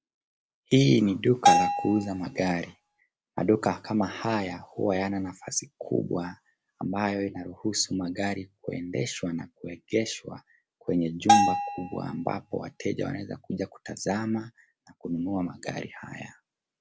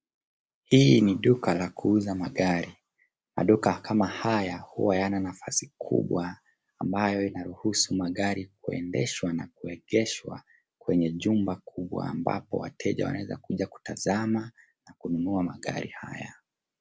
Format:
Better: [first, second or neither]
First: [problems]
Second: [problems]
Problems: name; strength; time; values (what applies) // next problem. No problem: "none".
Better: second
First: background sound (Bell); 3 dB above the speech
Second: none